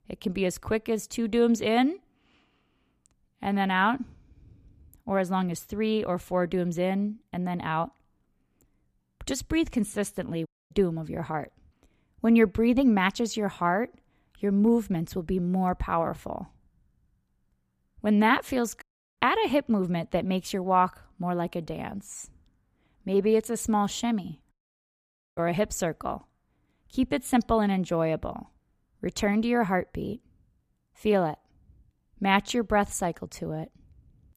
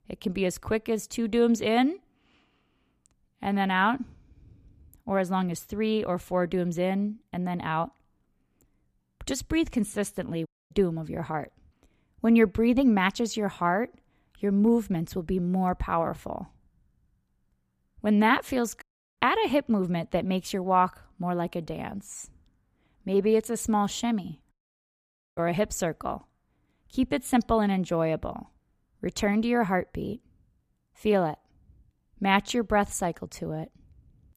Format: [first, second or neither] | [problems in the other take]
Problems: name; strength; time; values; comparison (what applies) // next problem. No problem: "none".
neither | audio cutting out; at 10 s, at 19 s and at 25 s for 1 s; the same in both